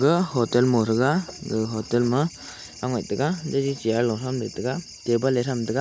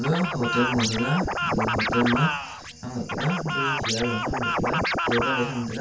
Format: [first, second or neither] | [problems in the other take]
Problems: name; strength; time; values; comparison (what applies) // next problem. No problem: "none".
first | background sound (Scratching (performance technique)); as loud as the speech // room echo; dies away in 0.3 s